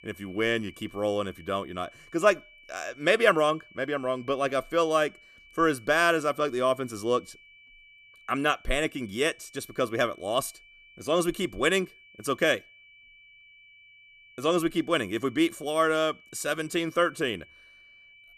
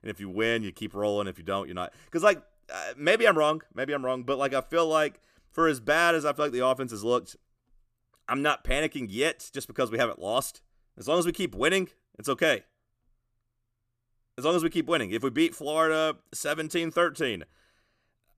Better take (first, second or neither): second